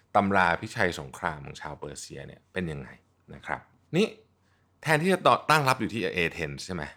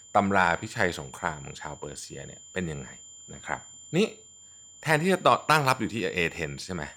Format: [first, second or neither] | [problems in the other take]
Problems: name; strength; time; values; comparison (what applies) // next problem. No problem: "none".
first | high-pitched whine; faint; throughout; 7 kHz, 20 dB below the speech